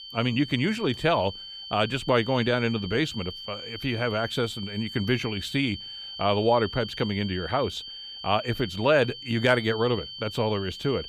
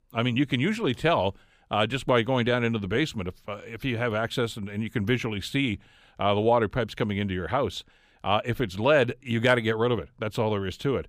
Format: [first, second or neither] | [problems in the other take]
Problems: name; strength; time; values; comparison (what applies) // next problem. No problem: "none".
second | high-pitched whine; noticeable; throughout; 3 kHz, 10 dB below the speech